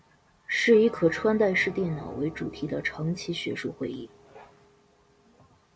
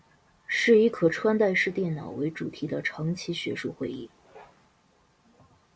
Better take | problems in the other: second | background sound (Bell); 20 dB below the speech

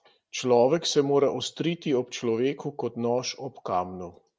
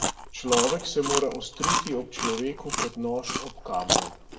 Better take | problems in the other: first | background sound (Chewing, mastication); as loud as the speech // room echo; dies away in 0.7 s

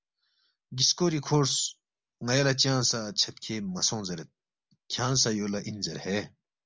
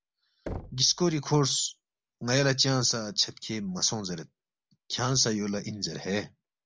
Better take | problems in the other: first | background sound (Knock); 16 dB below the speech

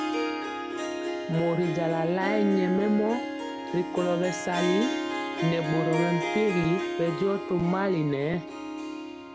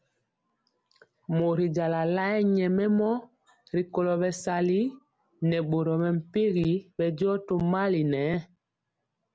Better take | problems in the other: second | background sound (Harp); 4 dB below the speech

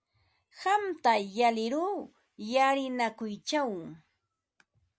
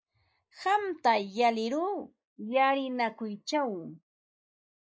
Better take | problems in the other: first | noise reduction (neural mask model Resemble Enhance denoiser)

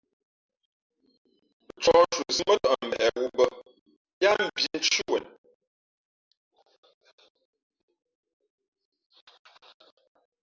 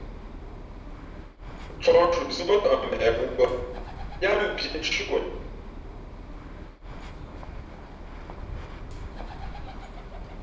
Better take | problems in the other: first | background sound (Bird); 9 dB below the speech // room echo; dies away in 0.7 s

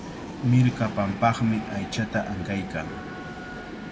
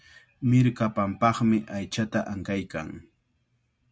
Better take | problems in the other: second | background sound (Train); 10 dB below the speech // room echo; dies away in 0.7 s

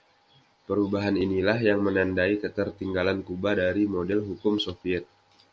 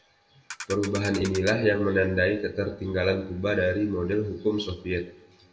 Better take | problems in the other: first | background sound (Ratchet, pawl); 13 dB below the speech // room echo; dies away in 0.6 s

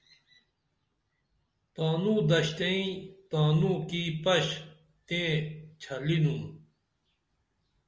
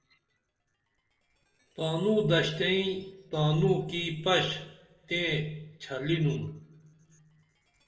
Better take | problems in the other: first | noise reduction (neural separator model SepFormer DNS4)

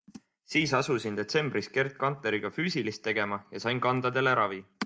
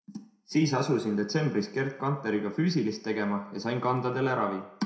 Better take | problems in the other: first | room echo; dies away in 0.6 s

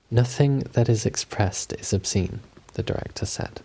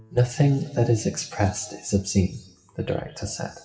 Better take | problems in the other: first | noise reduction (classical method WPE with log-MMSE)

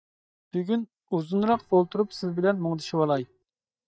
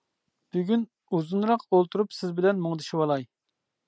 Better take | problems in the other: second | noise reduction (neural mask model DeepFilterNet 3)

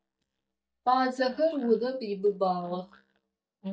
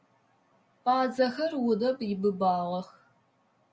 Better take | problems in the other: second | noise reduction (neural mask model DeepFilterNet 3)

